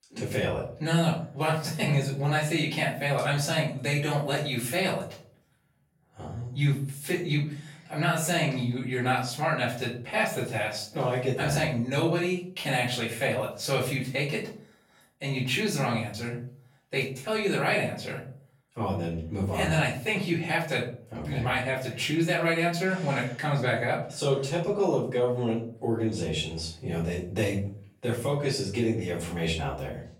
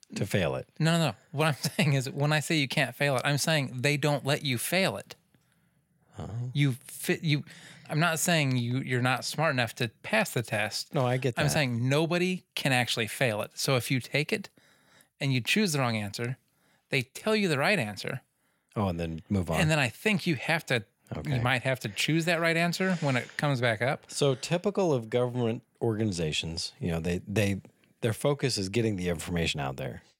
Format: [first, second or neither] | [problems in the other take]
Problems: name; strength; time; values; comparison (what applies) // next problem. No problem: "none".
second | off-mic speech; far // room echo; noticeable; dies away in 0.4 s